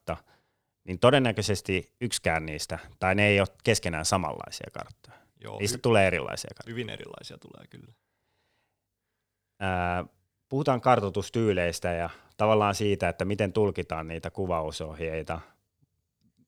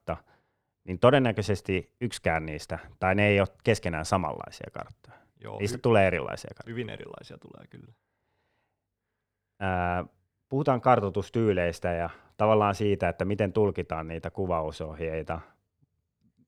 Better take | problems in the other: first | muffled; slightly; fading above 3 kHz

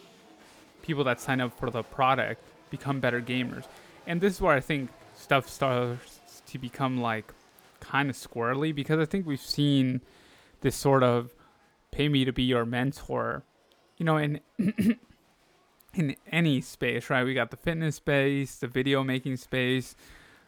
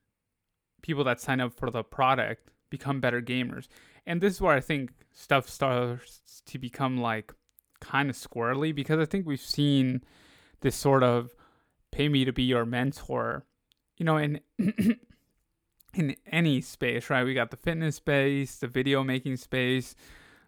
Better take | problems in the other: second | crowd noise; faint; throughout; 30 dB below the speech

